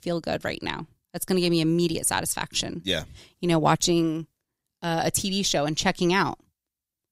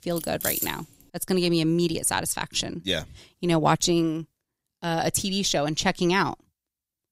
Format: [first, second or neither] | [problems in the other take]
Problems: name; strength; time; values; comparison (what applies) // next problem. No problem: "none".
first | jangling keys; noticeable; at the start; peak 2 dB below the speech